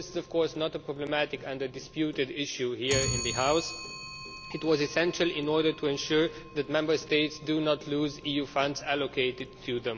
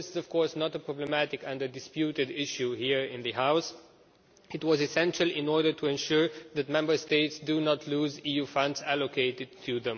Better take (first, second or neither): second